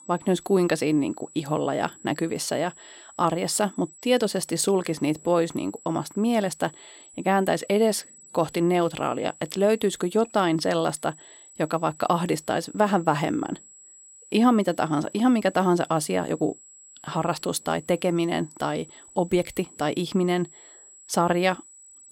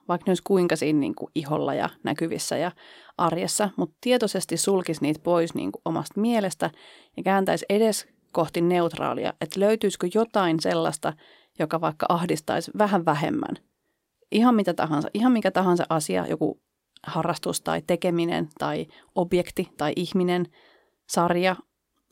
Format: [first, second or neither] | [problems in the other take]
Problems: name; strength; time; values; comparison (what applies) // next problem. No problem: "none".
second | high-pitched whine; faint; throughout; 7.5 kHz, 20 dB below the speech